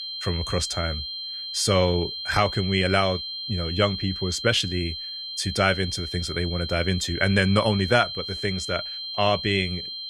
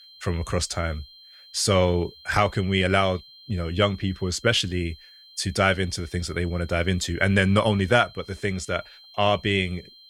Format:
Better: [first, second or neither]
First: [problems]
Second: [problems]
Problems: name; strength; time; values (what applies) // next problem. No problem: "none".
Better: second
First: high-pitched whine; loud; throughout; 4 kHz, 6 dB below the speech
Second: high-pitched whine; faint; throughout; 4 kHz, 25 dB below the speech